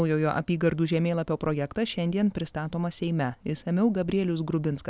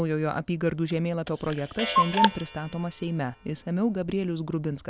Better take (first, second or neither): first